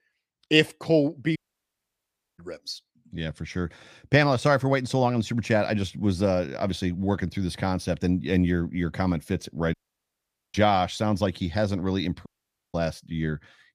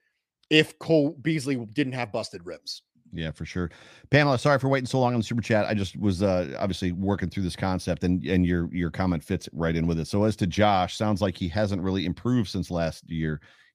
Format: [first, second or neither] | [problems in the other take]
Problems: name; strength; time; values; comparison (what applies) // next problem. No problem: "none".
second | audio cutting out; at 1.5 s for 1 s, at 9.5 s for 1 s and at 12 s